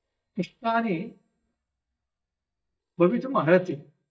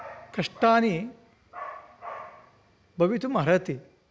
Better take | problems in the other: second | noise reduction (neural mask model DeepFilterNet 3)

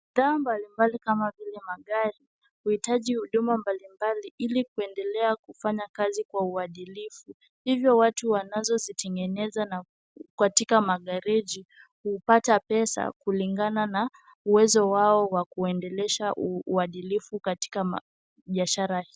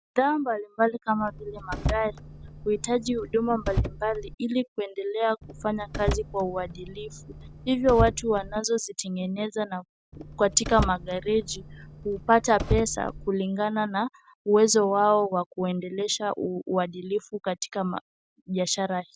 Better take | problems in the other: first | background sound (Car); 7 dB below the speech

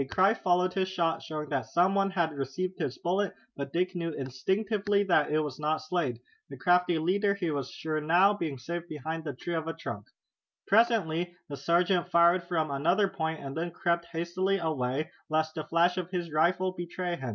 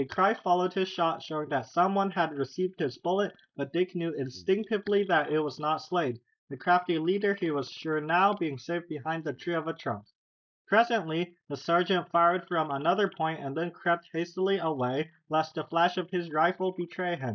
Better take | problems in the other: first | noise reduction (neural mask model Resemble Enhance denoiser)

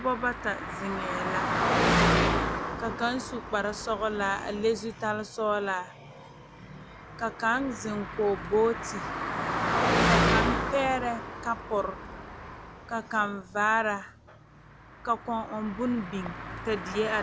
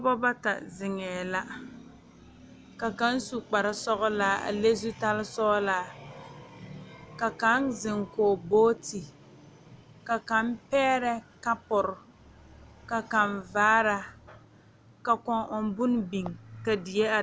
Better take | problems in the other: second | background sound (Car passing by); as loud as the speech

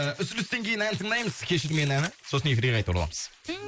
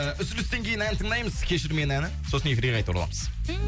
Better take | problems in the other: second | noise reduction (neural mask model Resemble Enhance denoiser)

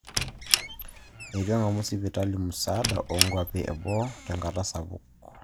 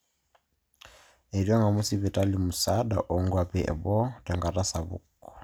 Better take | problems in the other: second | background sound (Squeak); 4 dB below the speech

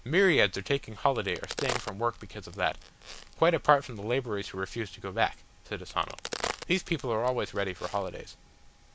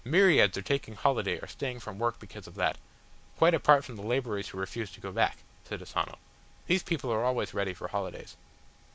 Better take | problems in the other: second | background sound (Crack); 11 dB below the speech

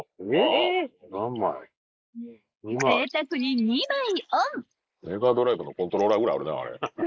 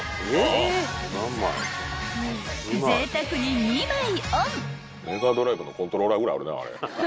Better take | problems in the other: second | noise reduction (neural mask model Resemble Enhance denoiser)

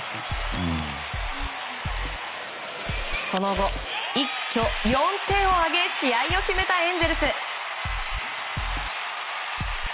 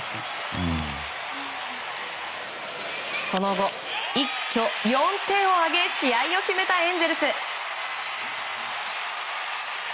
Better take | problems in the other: second | background sound (Scratching (performance technique)); 8 dB below the speech

